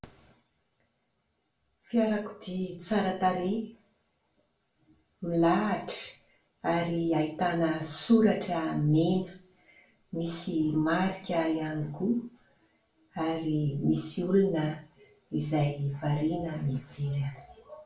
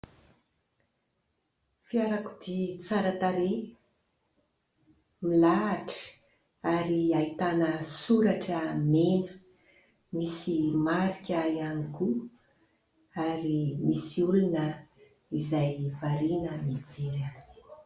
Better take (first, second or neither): second